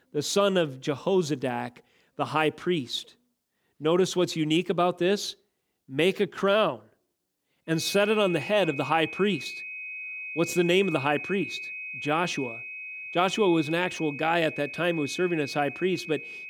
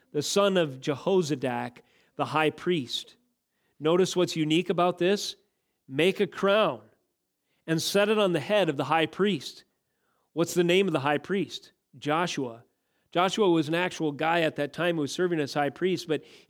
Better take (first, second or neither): second